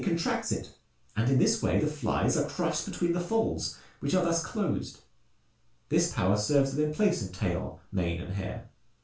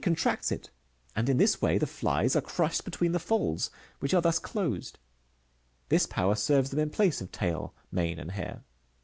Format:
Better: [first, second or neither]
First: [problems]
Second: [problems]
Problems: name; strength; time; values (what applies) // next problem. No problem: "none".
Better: second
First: room echo; dies away in 0.3 s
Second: none